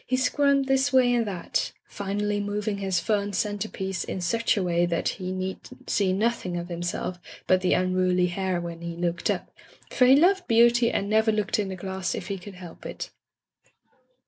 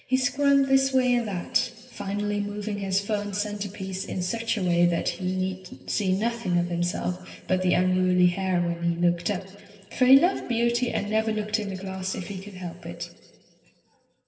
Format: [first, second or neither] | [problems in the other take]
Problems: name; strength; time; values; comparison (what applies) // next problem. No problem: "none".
first | room echo; dies away in 2 s